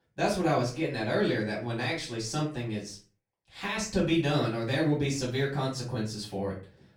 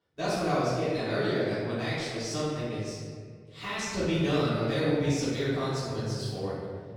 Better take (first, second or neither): first